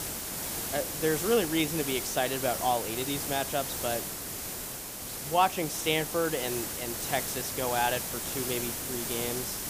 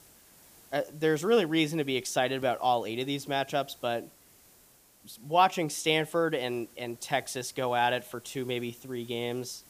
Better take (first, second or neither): second